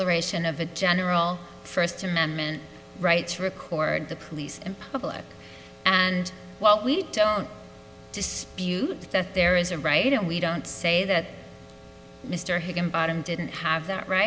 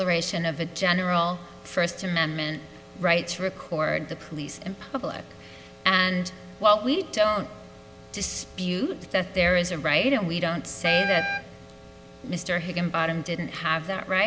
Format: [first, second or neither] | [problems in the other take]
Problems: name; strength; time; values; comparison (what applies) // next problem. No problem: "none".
first | background sound (Wind instrument, woodwind instrument); 4 dB below the speech